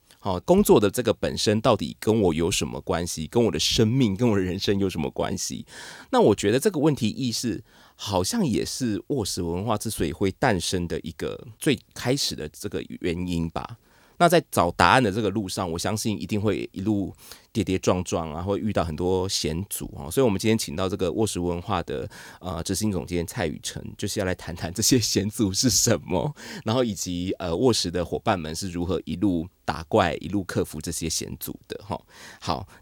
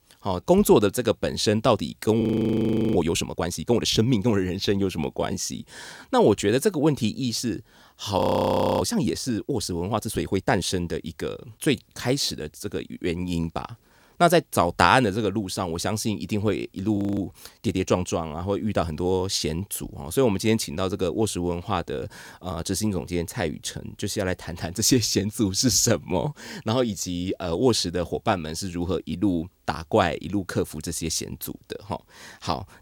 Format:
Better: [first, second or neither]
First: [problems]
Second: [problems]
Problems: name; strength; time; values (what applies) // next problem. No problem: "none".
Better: first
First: none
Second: audio freezing; at 2 s for 0.5 s, at 8 s for 0.5 s and at 17 s